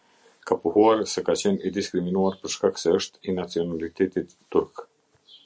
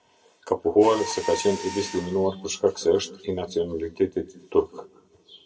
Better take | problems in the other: first | background sound (Mechanisms); 16 dB below the speech // room echo; dies away in 1.2 s

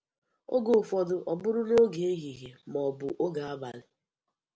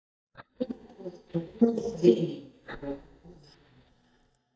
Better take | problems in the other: first | noise reduction (neural mask model DeepFilterNet 3)

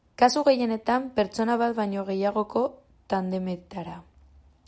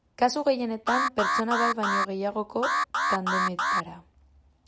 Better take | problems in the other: first | background sound (Alarm); 2 dB above the speech

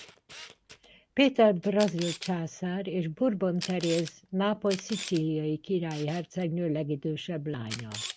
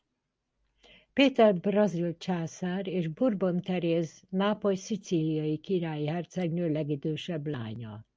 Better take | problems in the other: second | background sound (Camera); 15 dB below the speech

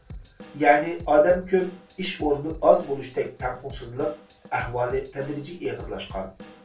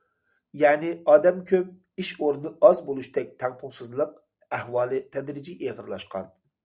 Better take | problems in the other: second | background sound (Drum / Drum kit); 18 dB below the speech // room echo; dies away in 0.2 s

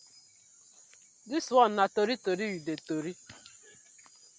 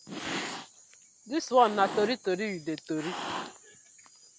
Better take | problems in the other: first | background sound (Cat); 10 dB below the speech

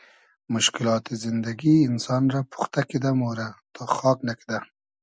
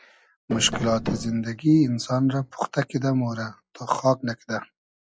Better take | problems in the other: first | noise reduction (classical method log-MMSE)

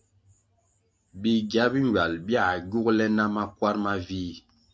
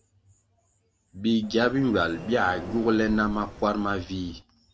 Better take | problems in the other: first | background sound (Sliding door); 15 dB below the speech

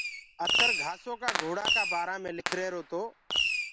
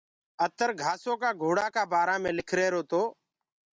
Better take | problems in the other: second | background sound (Fireworks); 4 dB above the speech

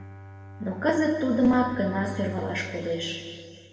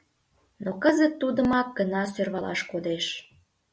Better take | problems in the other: second | background sound (Bowed string instrument); 14 dB below the speech // room echo; dies away in 2 s

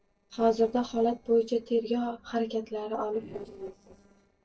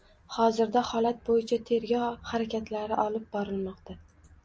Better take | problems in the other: second | noise reduction (neural separator model SepFormer DNS4)

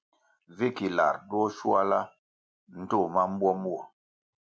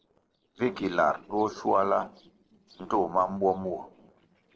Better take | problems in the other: first | noise reduction (neural separator model SepFormer DNS4)

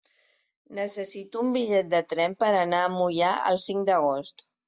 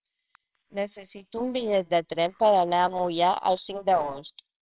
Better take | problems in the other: first | noise reduction (neural separator model SepFormer WHAMR!)

